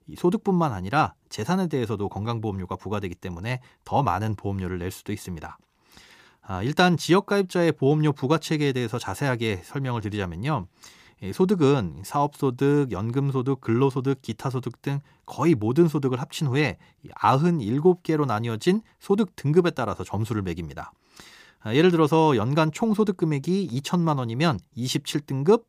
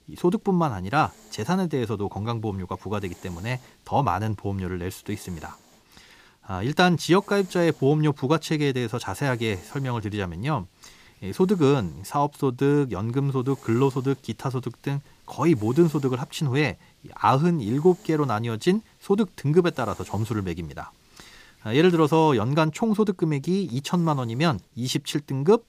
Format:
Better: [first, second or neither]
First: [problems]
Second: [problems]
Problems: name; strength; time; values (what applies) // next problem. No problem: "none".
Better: first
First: none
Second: hiss; faint; throughout; 30 dB below the speech